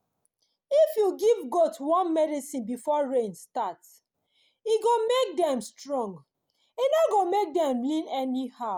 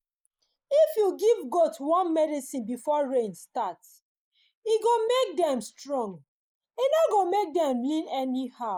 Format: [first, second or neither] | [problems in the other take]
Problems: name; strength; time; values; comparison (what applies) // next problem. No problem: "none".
first | noise reduction (neural mask model Resemble Enhance denoiser)